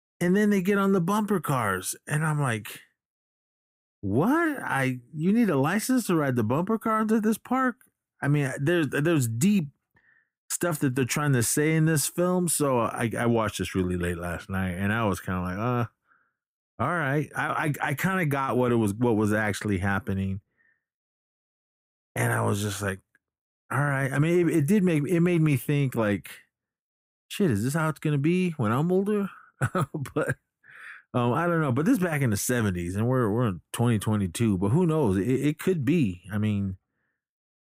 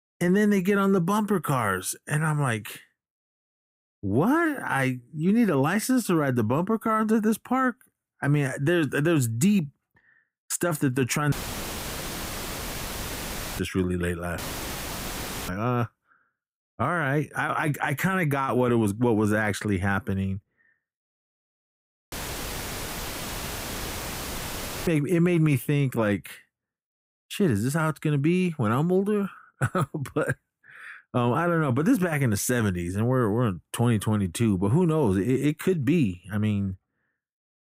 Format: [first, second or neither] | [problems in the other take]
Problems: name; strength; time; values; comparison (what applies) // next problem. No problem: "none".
first | audio cutting out; filled with static; at 11 s for 2.5 s, at 14 s for 1 s and at 22 s for 3 s